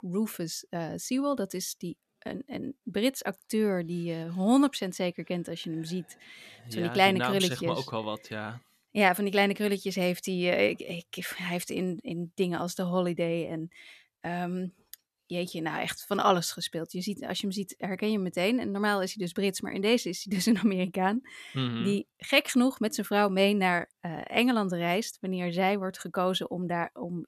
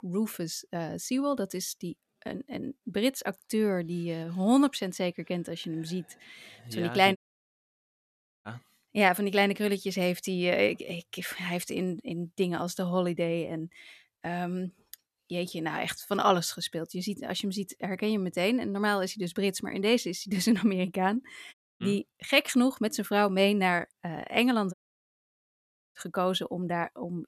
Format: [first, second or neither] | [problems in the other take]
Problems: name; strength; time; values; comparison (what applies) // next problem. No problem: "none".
first | audio cutting out; at 7 s for 1.5 s, at 22 s and at 25 s for 1 s